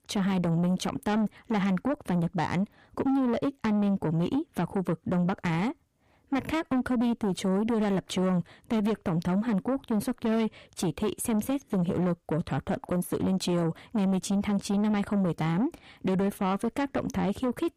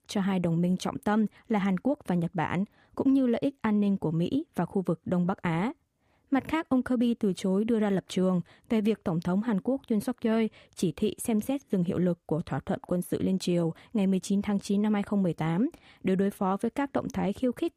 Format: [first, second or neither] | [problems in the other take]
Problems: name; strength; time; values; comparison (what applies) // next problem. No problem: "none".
second | distortion; slight; 10 dB below the speech